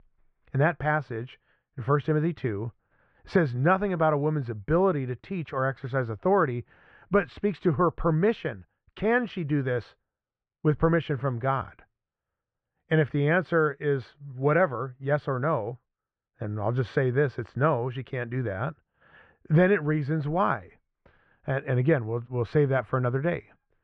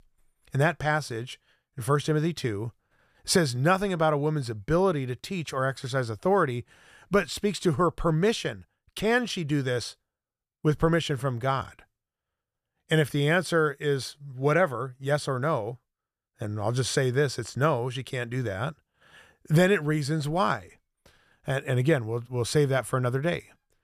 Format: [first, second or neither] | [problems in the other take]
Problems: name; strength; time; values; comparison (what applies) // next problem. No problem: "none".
second | muffled; very; fading above 2 kHz